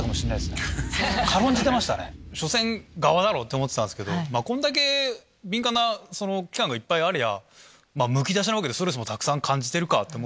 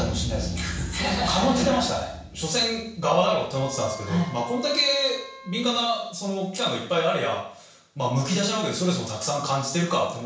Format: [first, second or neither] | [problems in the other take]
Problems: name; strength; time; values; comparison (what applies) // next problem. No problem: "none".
first | background sound (Wind instrument, woodwind instrument); 18 dB below the speech // room echo; dies away in 0.7 s